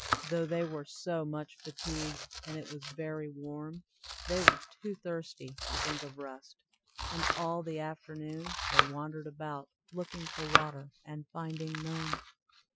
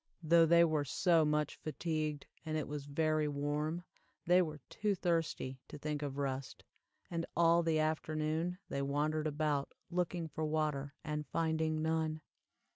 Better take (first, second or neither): second